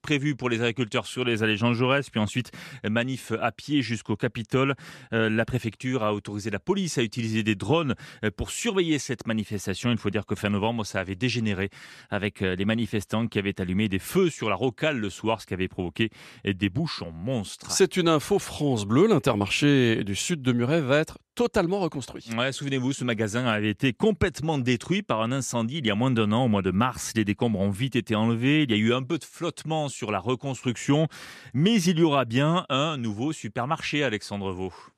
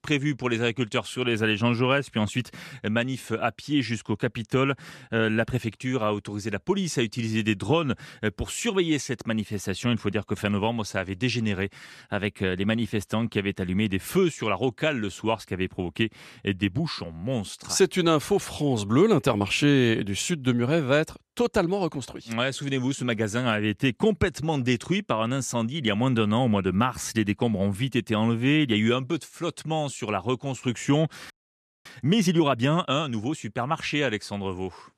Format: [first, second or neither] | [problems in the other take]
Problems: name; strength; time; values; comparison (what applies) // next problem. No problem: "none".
first | audio freezing; at 31 s for 0.5 s